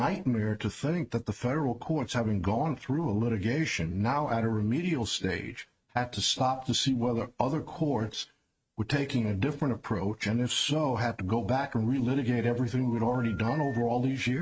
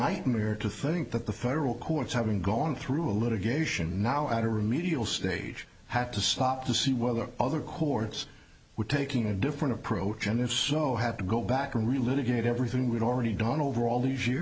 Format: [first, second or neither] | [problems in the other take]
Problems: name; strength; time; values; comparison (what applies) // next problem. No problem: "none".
second | noise reduction (neural mask model RNNoise)